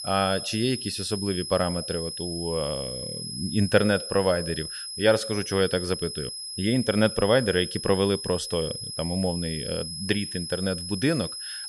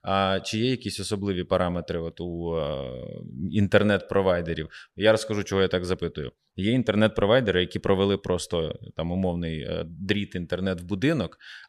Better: second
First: high-pitched whine; loud; throughout; 5 kHz, 7 dB below the speech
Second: none

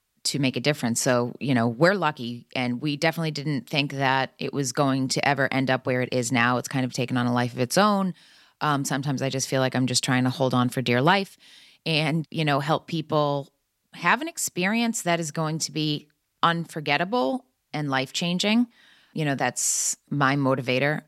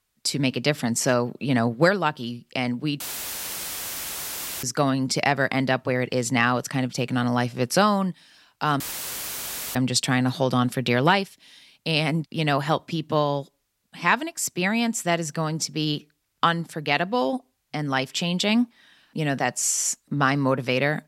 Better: first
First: none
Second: audio cutting out; filled with static; at 3 s for 1.5 s and at 9 s for 1 s

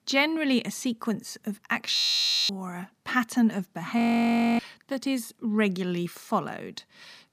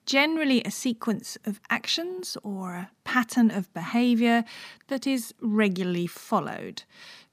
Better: second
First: audio freezing; at 2 s for 0.5 s and at 4 s for 0.5 s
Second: none

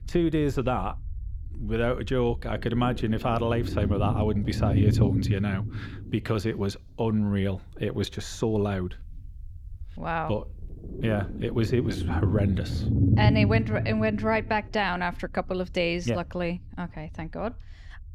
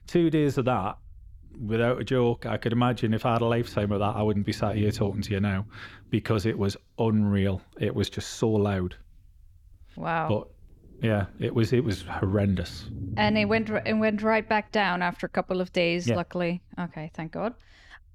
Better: second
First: low rumble; loud; throughout; 8 dB below the speech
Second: low rumble; faint; throughout; 25 dB below the speech

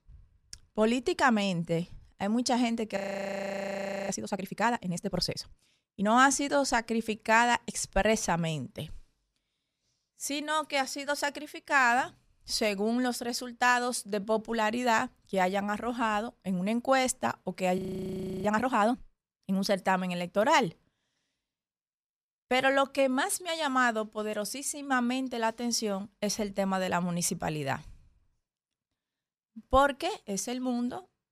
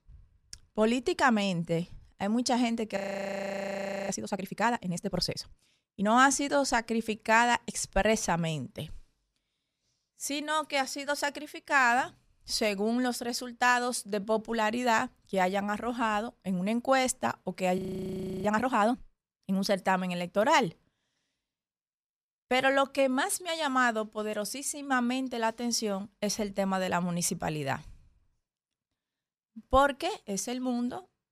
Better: neither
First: audio freezing; at 3 s for 1 s and at 18 s for 0.5 s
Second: audio freezing; at 3 s for 1 s and at 18 s for 0.5 s

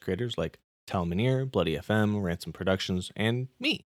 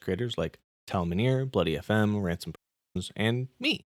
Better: first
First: none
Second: audio cutting out; at 2.5 s

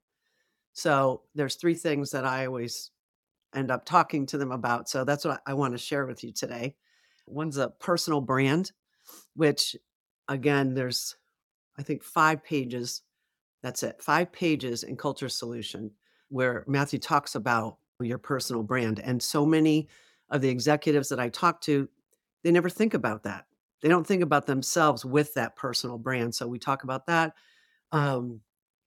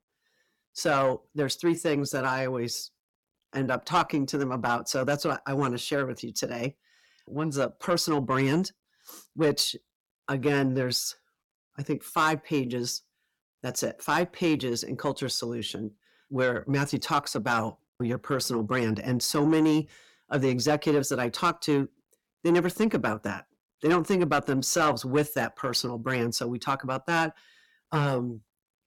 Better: first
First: none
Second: distortion; slight; 10 dB below the speech

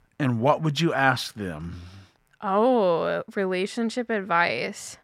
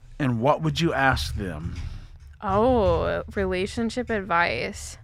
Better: first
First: none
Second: household noises; noticeable; throughout; 15 dB below the speech

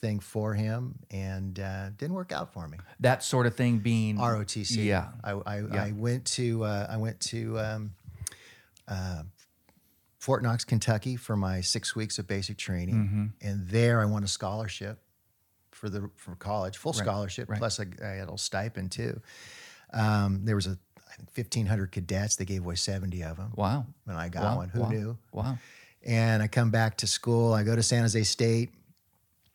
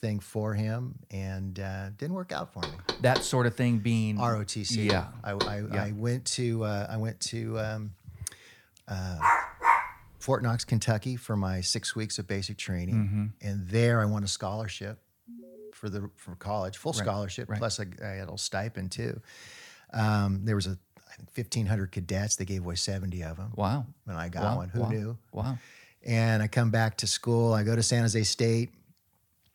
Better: first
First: none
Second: door banging; noticeable; from 2.5 to 5.5 s; peak 2 dB below the speech // dog barking; loud; at 9 s; peak 6 dB above the speech // alarm; faint; at 15 s; peak 15 dB below the speech

